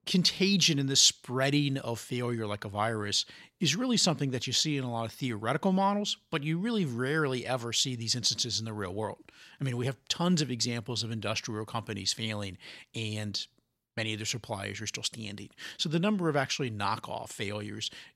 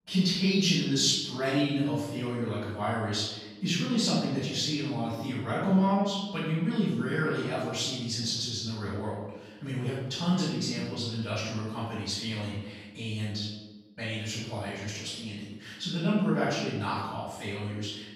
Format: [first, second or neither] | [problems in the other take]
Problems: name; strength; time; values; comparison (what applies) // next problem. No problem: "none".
first | off-mic speech; far // room echo; strong; dies away in 1.1 s